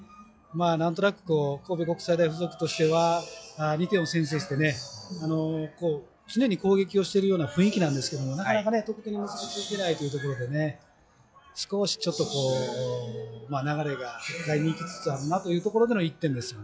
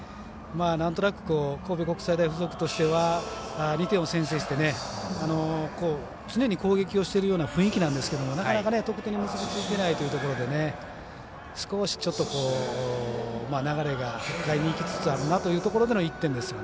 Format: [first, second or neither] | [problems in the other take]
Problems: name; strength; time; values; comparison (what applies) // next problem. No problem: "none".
second | noise reduction (classical method log-MMSE)